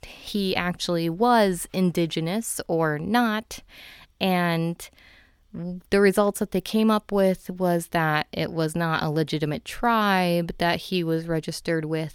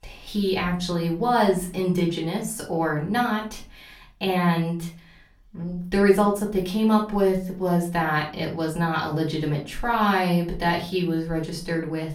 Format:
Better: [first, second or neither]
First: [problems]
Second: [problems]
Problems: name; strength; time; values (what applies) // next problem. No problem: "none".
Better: first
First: none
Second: off-mic speech; far // room echo; slight; dies away in 0.3 s